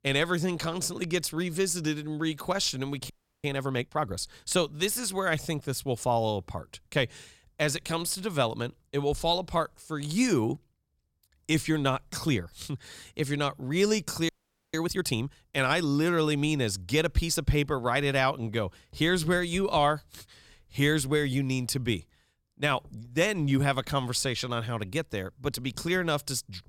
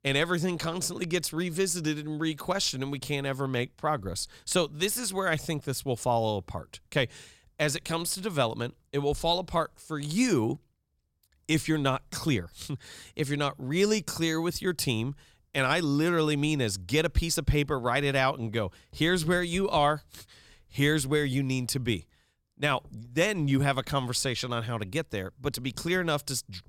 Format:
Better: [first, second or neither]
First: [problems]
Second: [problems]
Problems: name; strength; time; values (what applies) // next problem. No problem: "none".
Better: second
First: audio freezing; at 3 s and at 14 s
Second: none